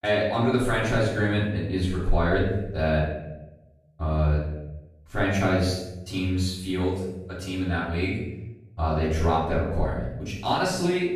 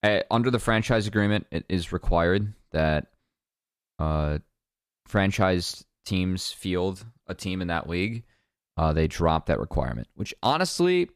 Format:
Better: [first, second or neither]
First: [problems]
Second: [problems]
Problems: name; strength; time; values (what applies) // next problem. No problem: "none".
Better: second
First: room echo; noticeable; dies away in 0.8 s // off-mic speech; far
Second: none